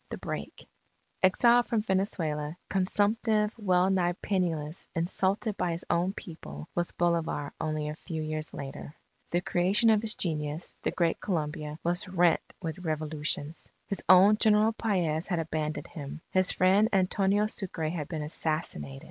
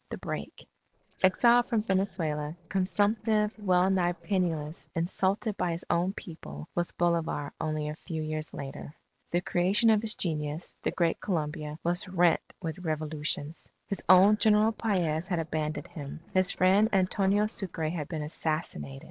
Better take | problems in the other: first | noise reduction (neural separator model SepFormer DNS4)

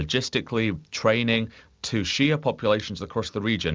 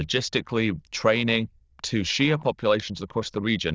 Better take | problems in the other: first | noise reduction (neural diffusion model UNIVERSE++)

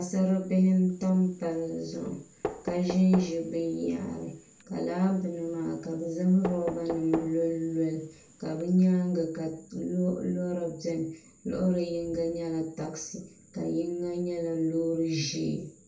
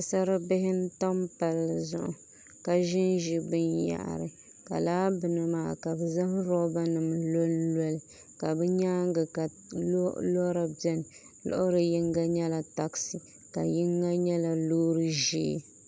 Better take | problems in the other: second | background sound (Knock); 12 dB below the speech // room echo; dies away in 0.4 s

